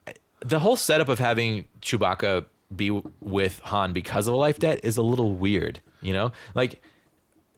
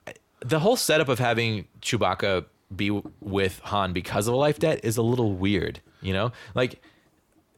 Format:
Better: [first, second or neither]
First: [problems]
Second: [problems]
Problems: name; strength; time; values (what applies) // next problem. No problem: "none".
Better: second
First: garbled, watery; slightly; nothing above 17.5 kHz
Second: none